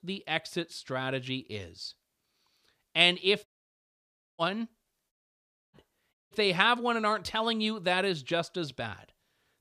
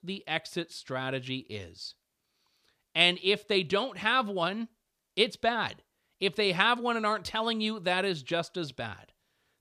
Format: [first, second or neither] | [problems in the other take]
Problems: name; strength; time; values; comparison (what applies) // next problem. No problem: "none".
second | audio cutting out; at 3.5 s for 1 s, at 5 s for 0.5 s and at 6 s